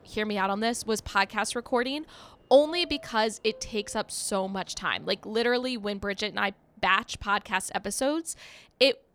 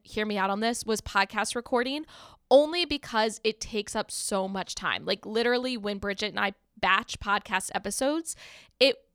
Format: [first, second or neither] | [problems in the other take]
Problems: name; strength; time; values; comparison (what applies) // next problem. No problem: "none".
second | train or aircraft noise; faint; throughout; 25 dB below the speech